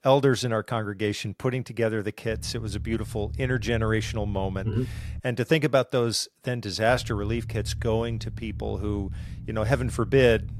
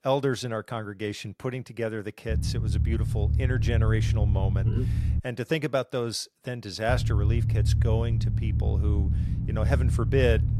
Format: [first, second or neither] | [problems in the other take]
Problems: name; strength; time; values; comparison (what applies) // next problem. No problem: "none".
first | low rumble; loud; from 2.5 to 5 s and from 7 s on; 8 dB below the speech; faint in the first